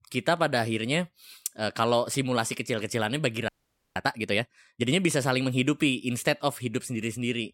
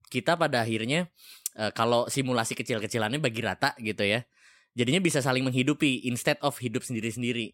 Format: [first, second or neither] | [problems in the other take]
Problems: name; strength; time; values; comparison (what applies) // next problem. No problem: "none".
second | audio freezing; at 3.5 s